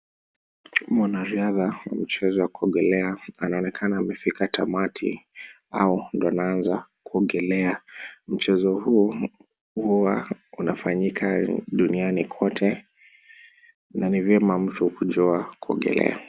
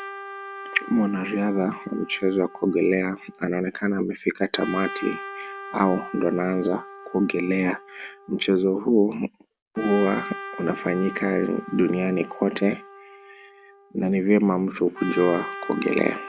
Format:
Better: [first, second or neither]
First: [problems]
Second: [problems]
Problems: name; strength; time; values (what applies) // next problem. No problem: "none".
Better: first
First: none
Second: background sound (Trumpet); 14 dB below the speech